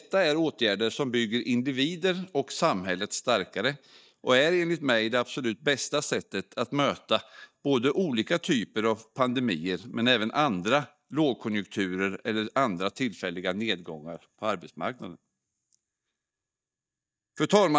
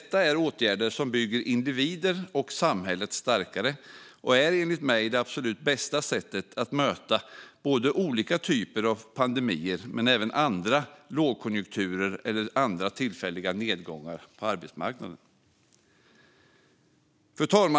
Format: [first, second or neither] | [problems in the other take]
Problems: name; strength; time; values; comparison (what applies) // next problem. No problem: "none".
second | noise reduction (neural mask model DeepFilterNet 3)